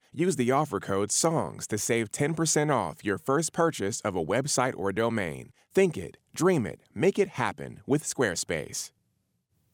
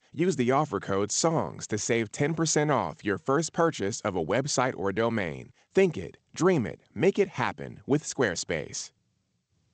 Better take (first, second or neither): first